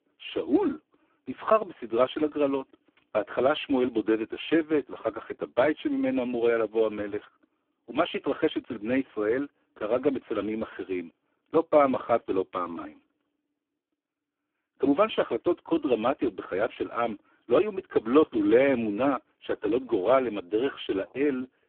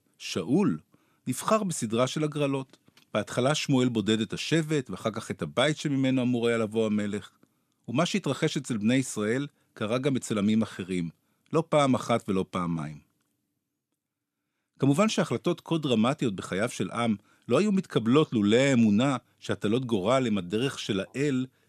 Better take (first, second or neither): second